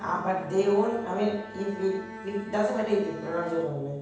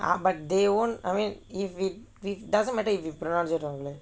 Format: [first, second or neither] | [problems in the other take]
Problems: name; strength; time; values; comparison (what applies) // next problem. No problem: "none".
second | background sound (Bowed string instrument); 14 dB below the speech // room echo; dies away in 0.8 s